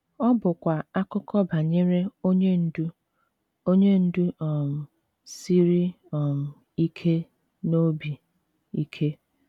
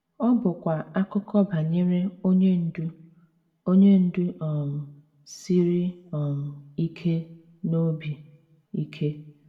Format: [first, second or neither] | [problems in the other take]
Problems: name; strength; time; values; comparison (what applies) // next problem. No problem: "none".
first | room echo; dies away in 0.6 s